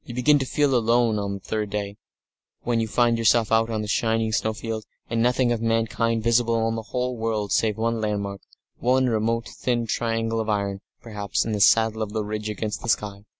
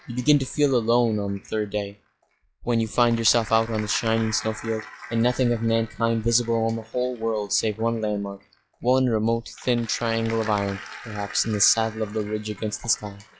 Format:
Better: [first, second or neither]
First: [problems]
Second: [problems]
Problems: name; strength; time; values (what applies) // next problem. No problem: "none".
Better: first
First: none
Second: noise reduction (classical method log-MMSE)